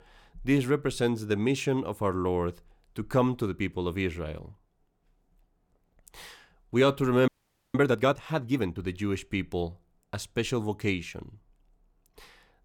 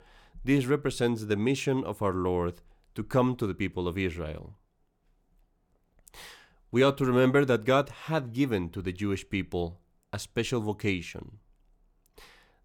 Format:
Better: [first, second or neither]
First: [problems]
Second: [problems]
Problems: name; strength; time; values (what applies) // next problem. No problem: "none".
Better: second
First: audio freezing; at 7.5 s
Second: none